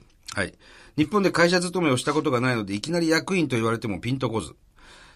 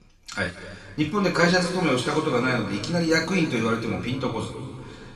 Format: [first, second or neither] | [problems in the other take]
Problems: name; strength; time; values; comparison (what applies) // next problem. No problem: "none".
first | room echo; noticeable; dies away in 2.1 s // off-mic speech; far